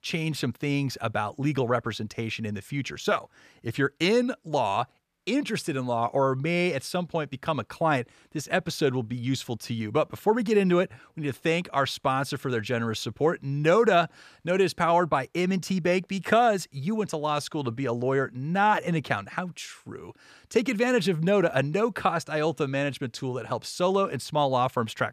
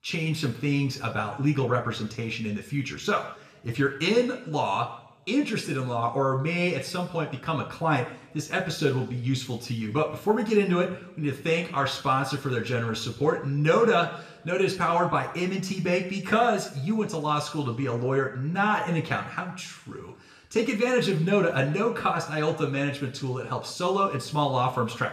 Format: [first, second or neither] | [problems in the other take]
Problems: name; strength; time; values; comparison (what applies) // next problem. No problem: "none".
first | room echo; slight; dies away in 0.7 s // off-mic speech; somewhat distant